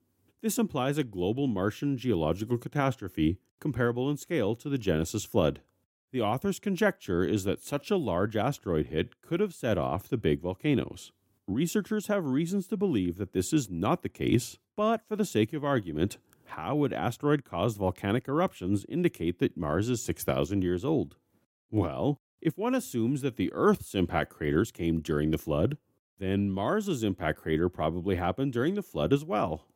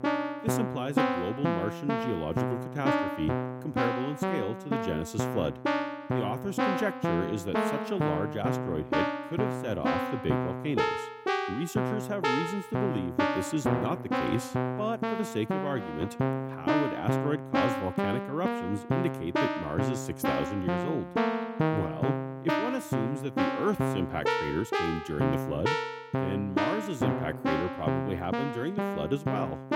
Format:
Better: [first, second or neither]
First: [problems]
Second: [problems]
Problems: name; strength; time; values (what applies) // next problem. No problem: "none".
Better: first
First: none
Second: background music; very loud; throughout; 3 dB above the speech